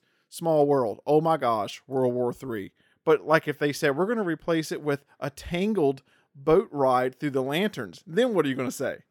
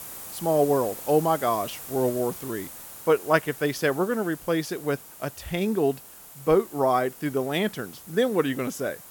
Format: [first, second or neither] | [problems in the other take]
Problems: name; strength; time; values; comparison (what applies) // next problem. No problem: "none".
first | hiss; noticeable; throughout; 15 dB below the speech